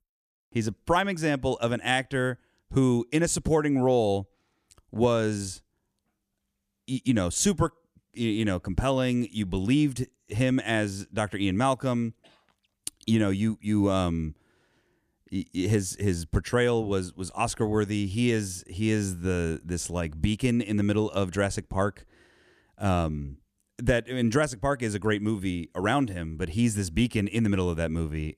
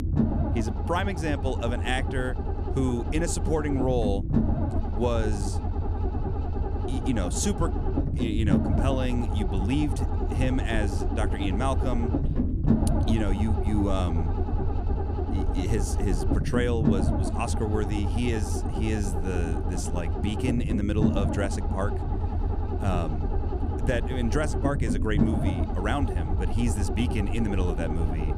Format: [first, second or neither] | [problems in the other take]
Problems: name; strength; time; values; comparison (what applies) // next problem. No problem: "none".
first | low rumble; loud; throughout; 3 dB below the speech